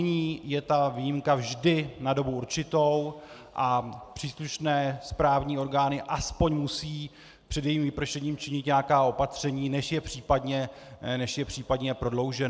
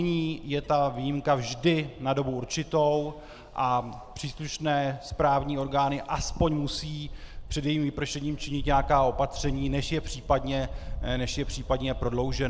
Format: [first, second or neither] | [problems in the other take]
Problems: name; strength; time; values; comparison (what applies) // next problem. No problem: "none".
first | background sound (Wind / Bird); 10 dB below the speech